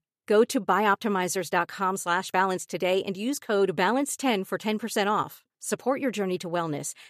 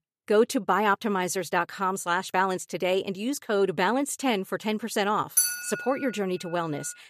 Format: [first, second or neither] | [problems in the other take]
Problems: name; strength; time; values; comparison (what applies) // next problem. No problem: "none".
first | clattering dishes; loud; at 5.5 s; peak 4 dB above the speech